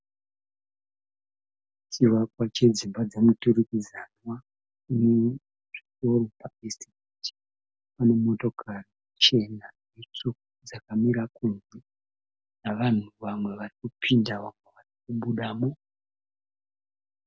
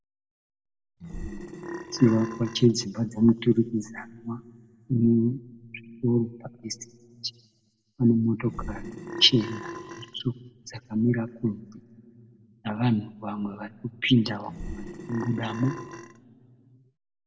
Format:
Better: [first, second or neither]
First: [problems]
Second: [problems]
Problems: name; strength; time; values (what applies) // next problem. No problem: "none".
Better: first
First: none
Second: background sound (Burping, eructation); 10 dB below the speech // room echo; dies away in 1.5 s